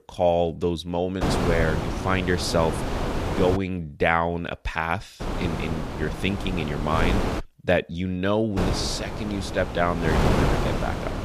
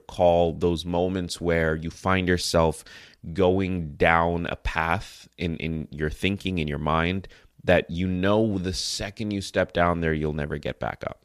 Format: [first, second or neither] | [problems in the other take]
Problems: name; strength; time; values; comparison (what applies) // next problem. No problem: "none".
second | wind noise on the microphone; heavy; from 1 to 3.5 s, from 5 to 7.5 s and from 8.5 s on; 4 dB below the speech